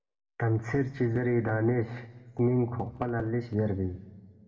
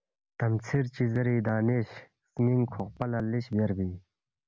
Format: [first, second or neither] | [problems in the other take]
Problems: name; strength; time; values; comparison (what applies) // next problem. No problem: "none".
second | room echo; dies away in 1.2 s